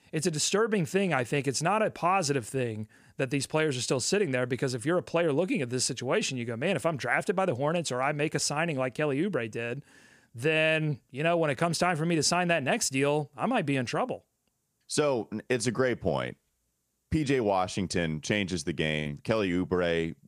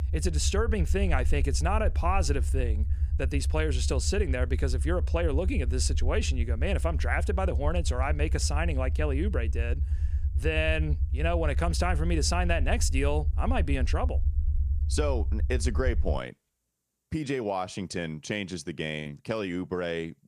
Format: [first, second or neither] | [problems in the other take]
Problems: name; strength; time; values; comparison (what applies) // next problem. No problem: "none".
first | low rumble; noticeable; until 16 s; 15 dB below the speech